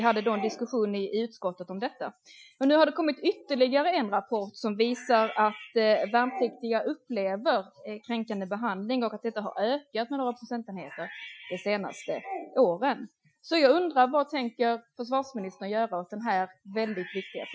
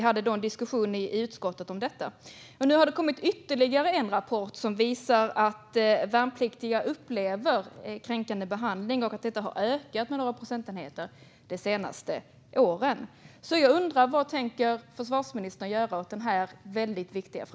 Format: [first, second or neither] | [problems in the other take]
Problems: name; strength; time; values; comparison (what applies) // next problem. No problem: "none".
second | noise reduction (classical method Wiener filter)